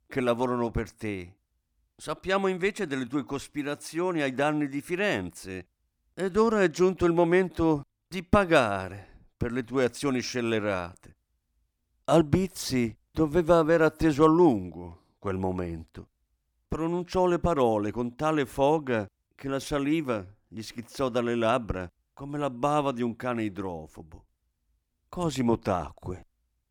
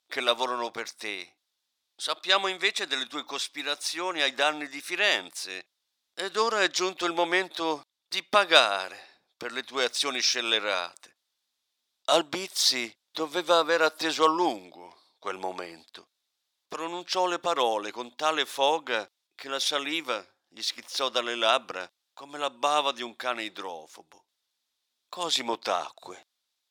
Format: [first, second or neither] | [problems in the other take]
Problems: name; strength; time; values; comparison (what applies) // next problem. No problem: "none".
first | thin; very; fading below 650 Hz